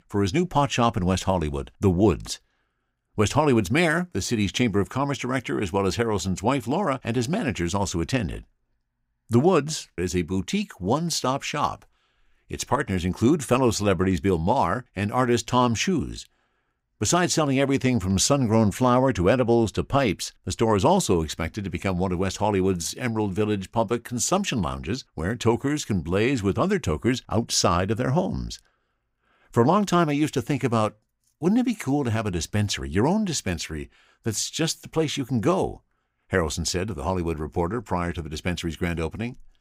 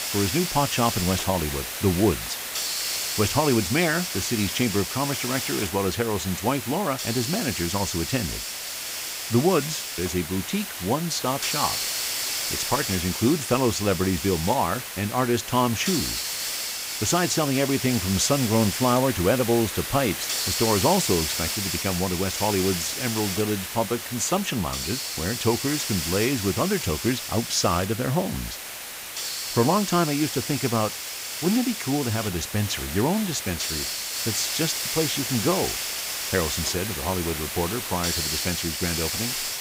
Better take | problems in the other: first | hiss; loud; throughout; 3 dB below the speech

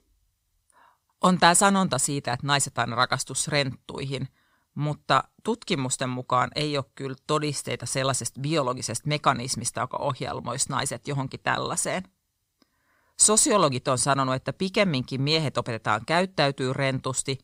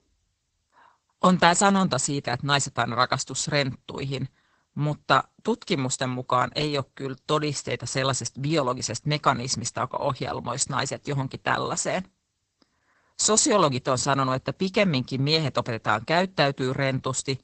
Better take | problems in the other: first | garbled, watery; badly; nothing above 8 kHz

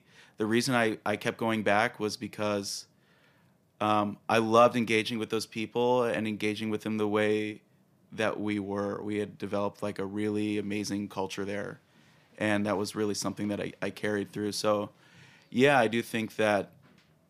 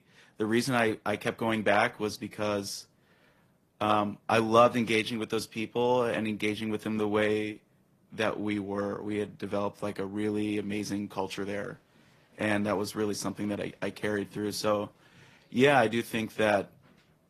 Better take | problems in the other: first | garbled, watery; slightly; nothing above 14 kHz

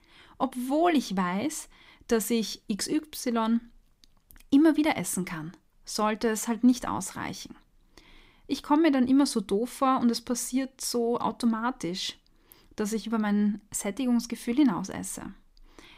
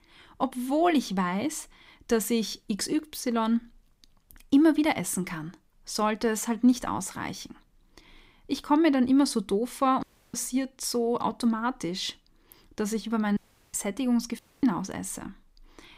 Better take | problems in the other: first | audio cutting out; at 10 s, at 13 s and at 14 s

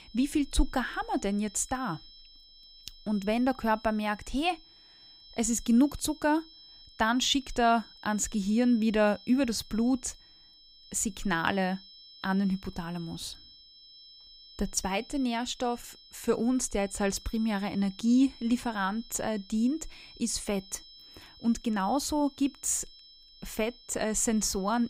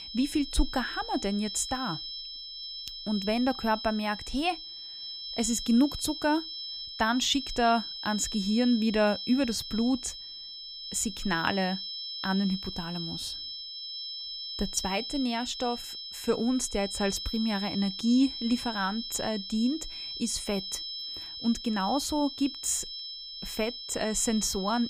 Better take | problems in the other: first | high-pitched whine; loud; throughout; 5 kHz, 7 dB below the speech; faint in the first

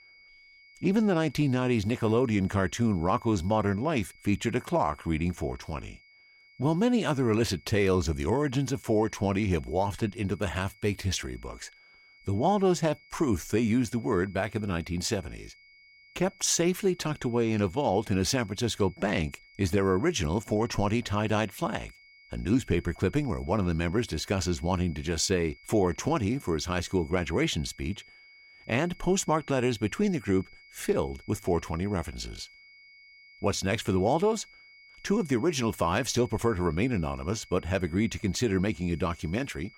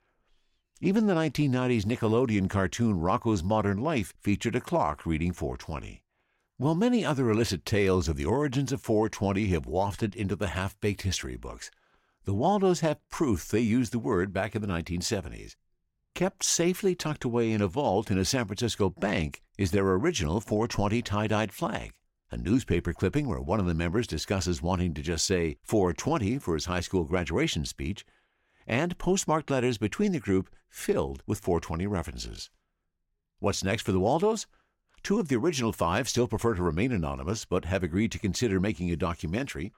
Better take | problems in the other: second | high-pitched whine; faint; throughout; 2 kHz, 25 dB below the speech

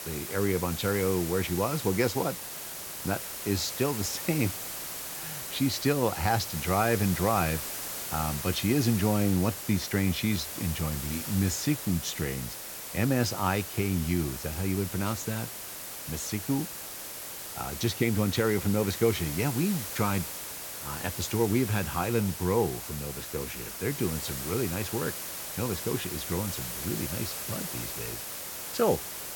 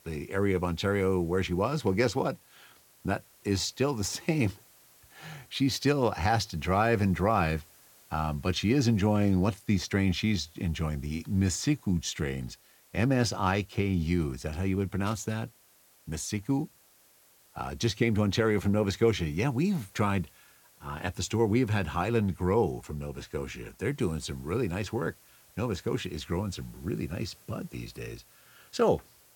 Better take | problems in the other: second | hiss; loud; throughout; 6 dB below the speech; faint in the second

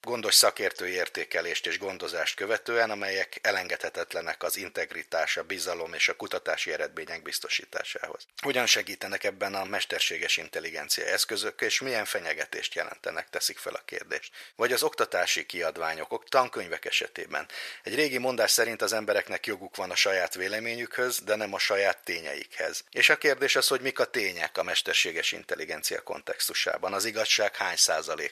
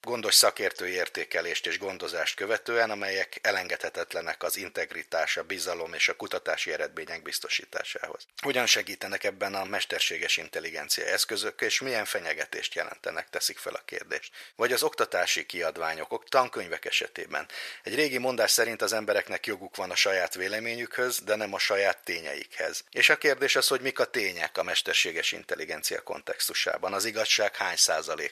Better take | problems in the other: neither | thin; very; fading below 950 Hz; the same in both

